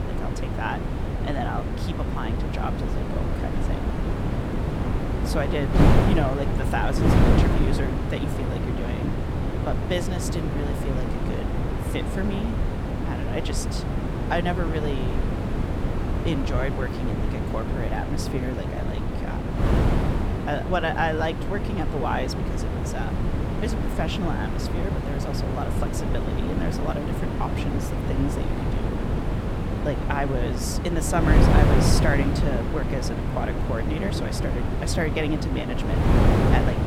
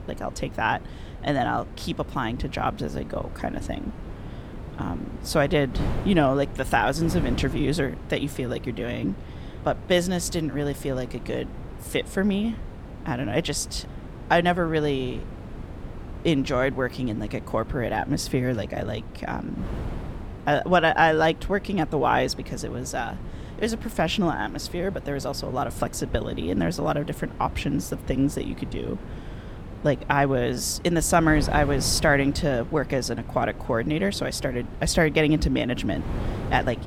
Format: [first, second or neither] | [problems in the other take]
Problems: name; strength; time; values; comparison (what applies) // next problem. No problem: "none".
second | wind noise on the microphone; heavy; as loud as the speech; occasional gusts in the second